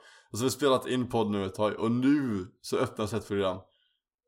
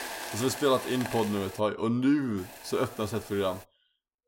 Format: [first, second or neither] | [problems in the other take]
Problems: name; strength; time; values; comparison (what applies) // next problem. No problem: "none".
first | hiss; noticeable; until 1.5 s and from 2.5 to 3.5 s; 10 dB below the speech